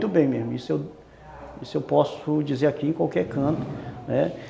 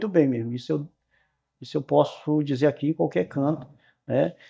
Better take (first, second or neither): first